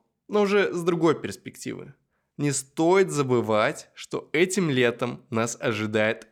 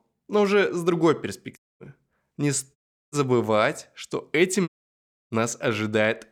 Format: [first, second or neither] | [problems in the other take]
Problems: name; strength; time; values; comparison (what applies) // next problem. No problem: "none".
first | audio cutting out; at 1.5 s, at 3 s and at 4.5 s for 0.5 s